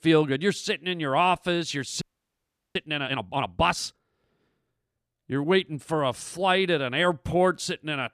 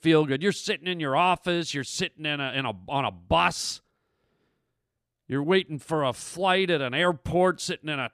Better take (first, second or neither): second